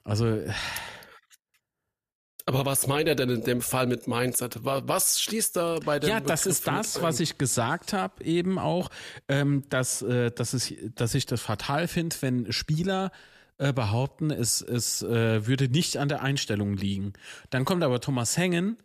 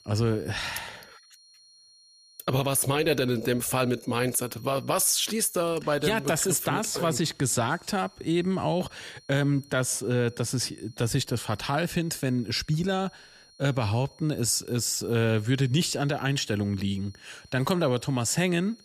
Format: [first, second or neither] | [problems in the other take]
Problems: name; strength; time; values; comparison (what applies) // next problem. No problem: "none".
first | high-pitched whine; faint; throughout; 4.5 kHz, 25 dB below the speech